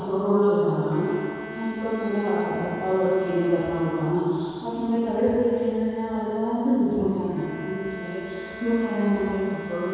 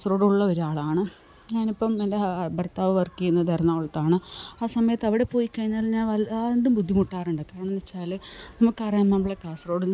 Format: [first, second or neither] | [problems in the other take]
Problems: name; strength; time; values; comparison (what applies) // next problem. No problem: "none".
second | background sound (Bowed string instrument); 16 dB below the speech // room echo; dies away in 2.2 s